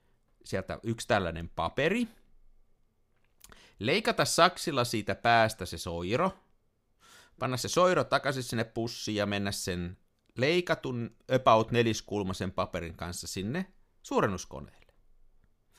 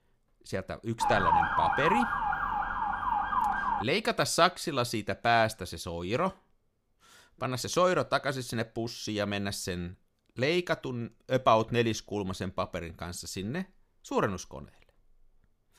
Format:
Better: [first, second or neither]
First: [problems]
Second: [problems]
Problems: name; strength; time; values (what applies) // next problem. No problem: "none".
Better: first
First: none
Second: siren; loud; from 1 to 4 s; peak 5 dB above the speech